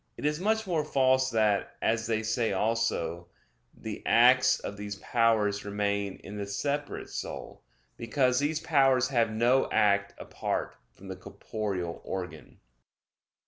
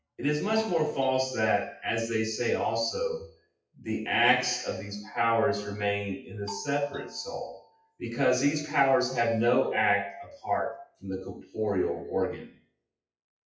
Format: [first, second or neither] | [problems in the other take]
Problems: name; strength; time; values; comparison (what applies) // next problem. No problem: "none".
first | noise reduction (classical method WPE with log-MMSE)